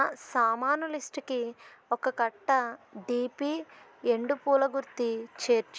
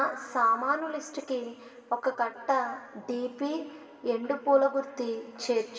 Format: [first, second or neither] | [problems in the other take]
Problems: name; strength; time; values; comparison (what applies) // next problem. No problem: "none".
first | room echo; dies away in 2.4 s